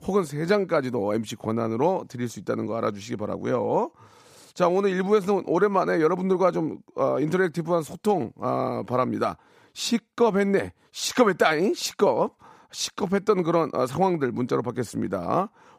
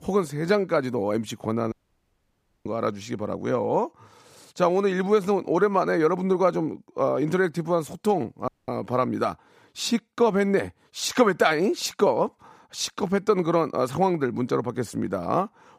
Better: first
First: none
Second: audio cutting out; at 1.5 s for 1 s and at 8.5 s

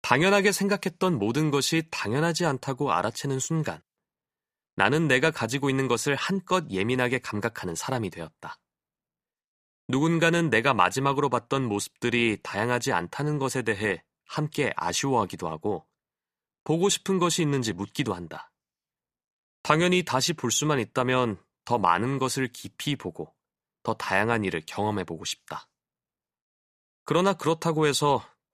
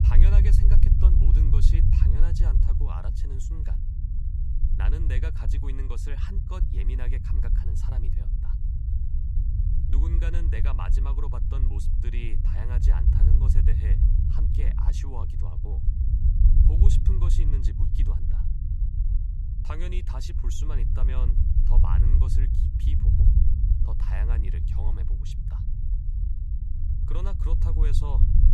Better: first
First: none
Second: low rumble; loud; throughout; as loud as the speech

